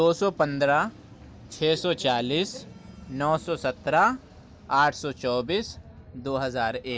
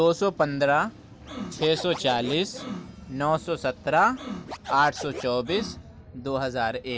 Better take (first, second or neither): first